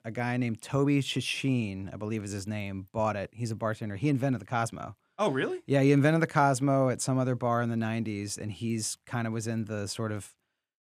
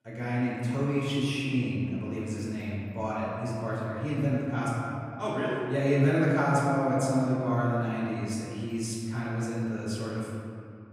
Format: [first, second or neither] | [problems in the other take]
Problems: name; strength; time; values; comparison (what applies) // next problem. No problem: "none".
first | room echo; strong; dies away in 2.3 s // off-mic speech; far